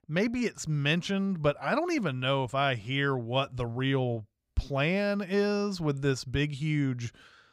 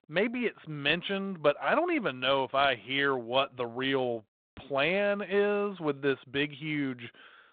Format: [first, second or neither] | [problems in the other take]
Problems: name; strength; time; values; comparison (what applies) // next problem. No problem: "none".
first | phone-call audio